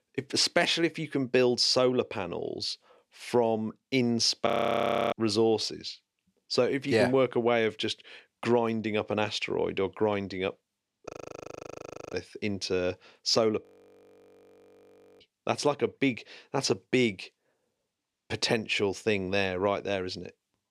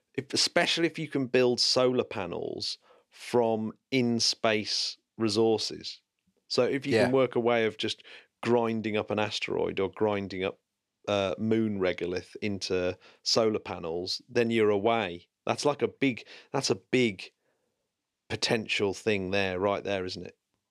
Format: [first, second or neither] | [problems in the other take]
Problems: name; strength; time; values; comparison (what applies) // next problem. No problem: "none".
second | audio freezing; at 4.5 s for 0.5 s, at 11 s for 1 s and at 14 s for 1.5 s